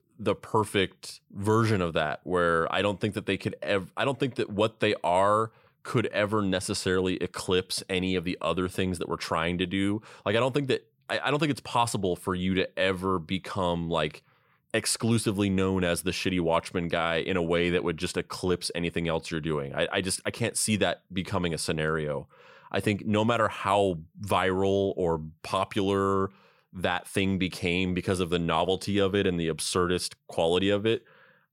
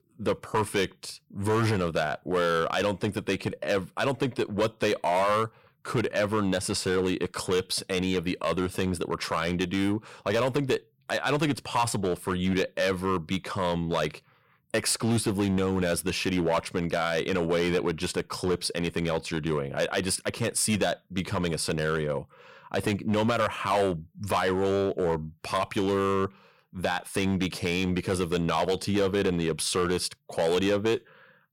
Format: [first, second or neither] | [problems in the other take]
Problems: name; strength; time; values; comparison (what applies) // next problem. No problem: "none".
first | distortion; slight; 6% of the sound clipped